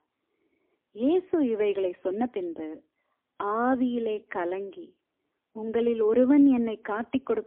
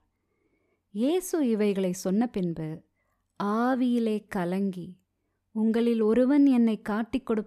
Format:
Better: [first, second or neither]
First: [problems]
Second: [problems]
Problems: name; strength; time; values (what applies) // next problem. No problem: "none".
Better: second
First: phone-call audio; poor line; nothing above 3.5 kHz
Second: none